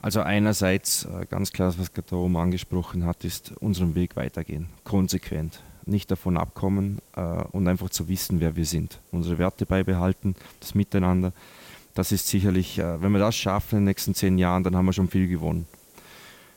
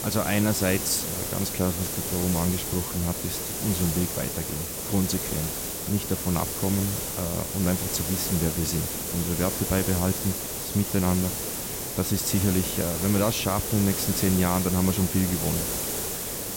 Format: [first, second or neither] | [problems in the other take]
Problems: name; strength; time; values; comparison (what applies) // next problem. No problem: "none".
first | hiss; loud; throughout; 1 dB below the speech; faint in the first